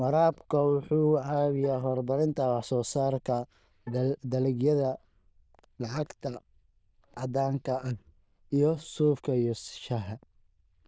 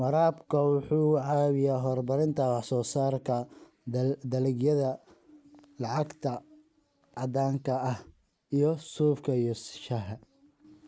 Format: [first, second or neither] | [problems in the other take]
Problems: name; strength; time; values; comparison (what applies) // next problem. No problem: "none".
second | noise reduction (neural diffusion model UNIVERSE++)